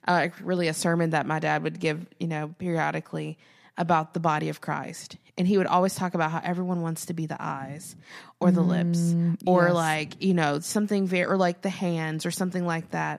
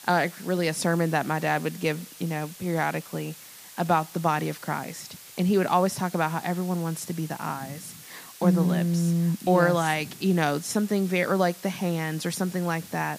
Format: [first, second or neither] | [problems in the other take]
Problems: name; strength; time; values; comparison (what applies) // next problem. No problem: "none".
first | hiss; noticeable; throughout; 15 dB below the speech